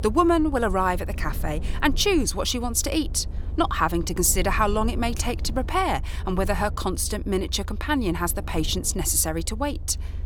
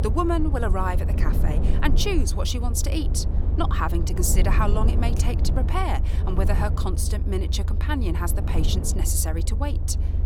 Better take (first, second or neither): first